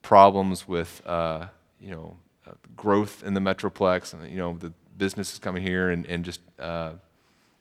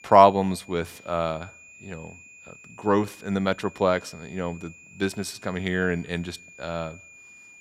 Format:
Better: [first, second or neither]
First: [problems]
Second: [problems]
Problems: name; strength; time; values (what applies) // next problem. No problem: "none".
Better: first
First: none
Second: high-pitched whine; faint; throughout; 2.5 kHz, 20 dB below the speech